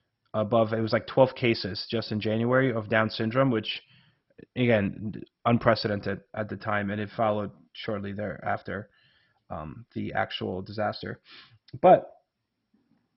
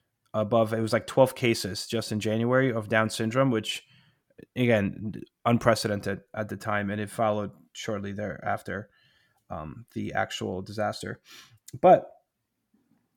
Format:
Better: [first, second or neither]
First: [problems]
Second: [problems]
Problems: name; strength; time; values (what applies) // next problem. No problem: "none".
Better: second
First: garbled, watery; badly; nothing above 5 kHz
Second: none